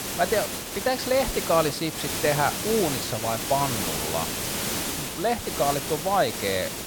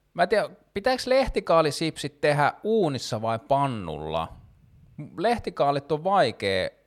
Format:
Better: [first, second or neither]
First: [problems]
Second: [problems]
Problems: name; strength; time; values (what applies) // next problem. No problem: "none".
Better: second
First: hiss; loud; throughout; 2 dB below the speech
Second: none